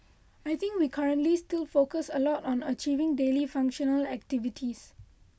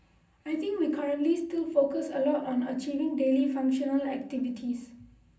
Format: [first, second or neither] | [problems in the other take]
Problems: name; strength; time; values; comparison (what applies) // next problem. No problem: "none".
first | room echo; dies away in 0.6 s